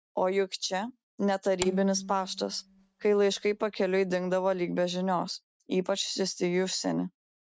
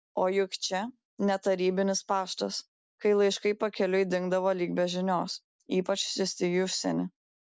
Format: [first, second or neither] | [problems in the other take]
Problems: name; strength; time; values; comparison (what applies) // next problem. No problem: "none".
second | noise reduction (neural mask model RNNoise)